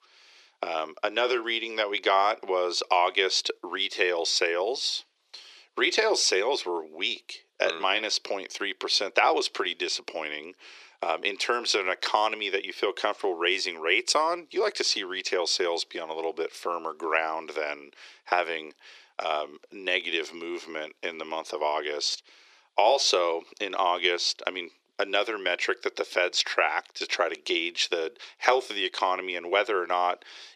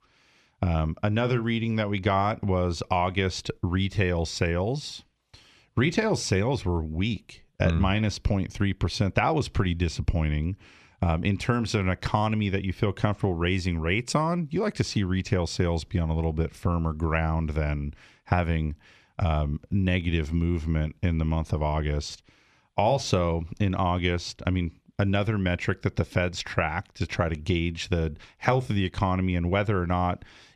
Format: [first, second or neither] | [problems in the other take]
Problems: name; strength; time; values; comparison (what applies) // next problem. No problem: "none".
second | thin; very; fading below 350 Hz